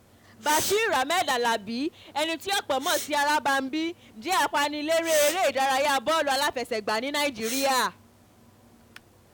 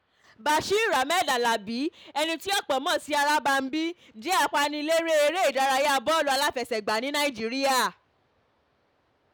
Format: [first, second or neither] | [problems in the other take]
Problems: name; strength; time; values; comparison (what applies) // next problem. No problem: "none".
second | background sound (Respiratory sounds); 13 dB below the speech